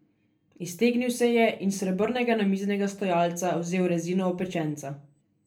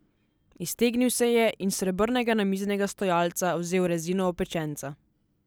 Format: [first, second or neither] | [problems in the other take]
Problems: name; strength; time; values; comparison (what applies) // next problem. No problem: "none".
second | room echo; dies away in 0.3 s